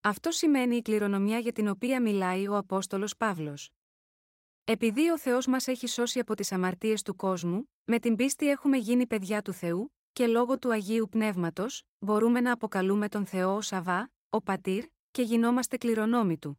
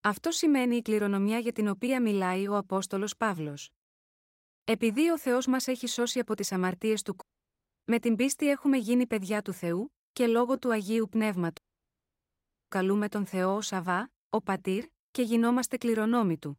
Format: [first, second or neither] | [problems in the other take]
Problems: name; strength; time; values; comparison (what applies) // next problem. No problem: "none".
first | audio cutting out; at 7 s for 0.5 s and at 12 s for 1 s